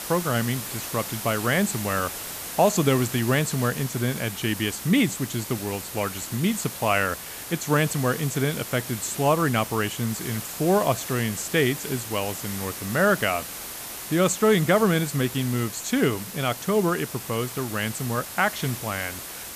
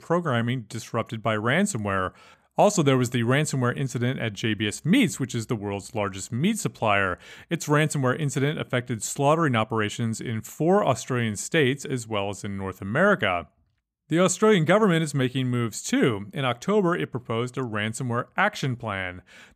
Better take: second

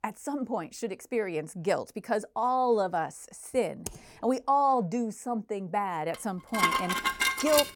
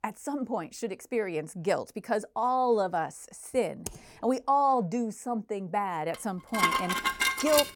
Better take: neither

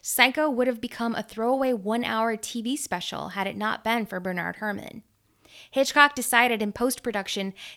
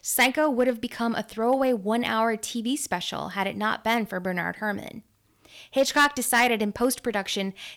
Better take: first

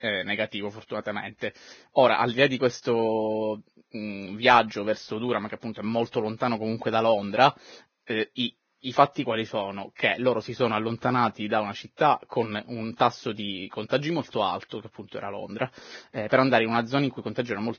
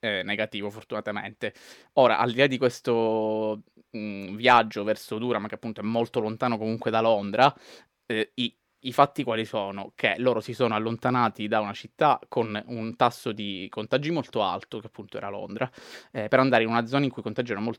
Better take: second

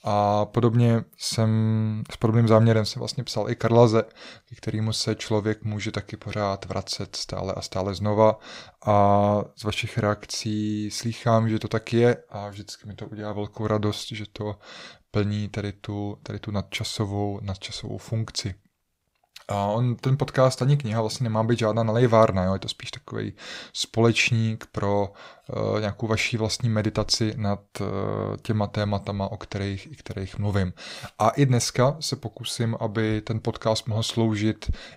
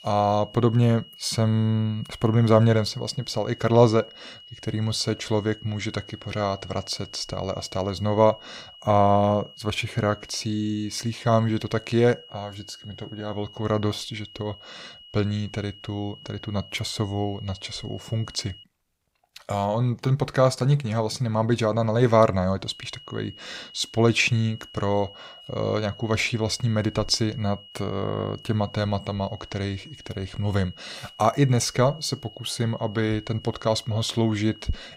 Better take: first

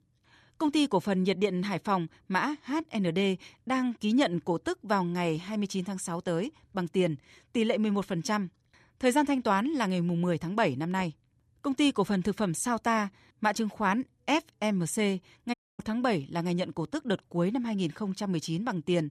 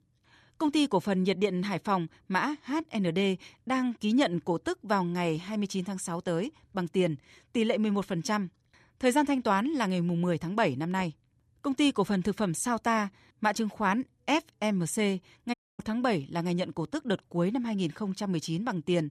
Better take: neither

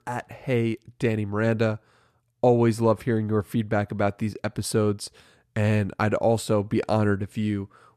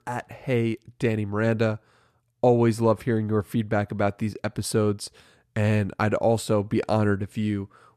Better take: neither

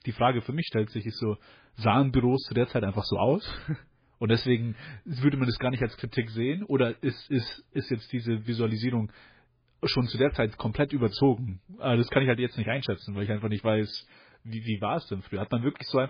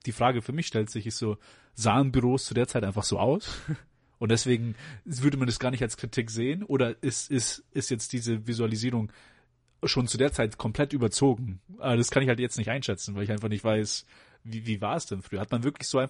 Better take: second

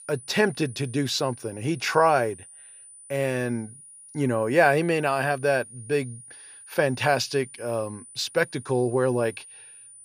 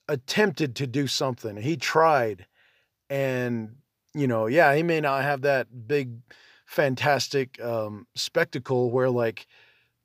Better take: second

